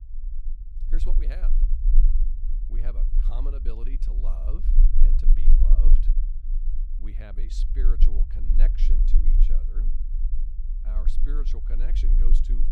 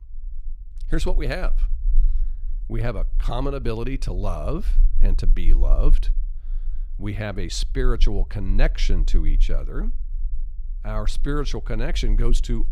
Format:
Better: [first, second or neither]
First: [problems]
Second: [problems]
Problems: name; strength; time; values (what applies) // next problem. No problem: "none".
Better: second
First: low rumble; loud; throughout; 4 dB below the speech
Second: low rumble; faint; throughout; 20 dB below the speech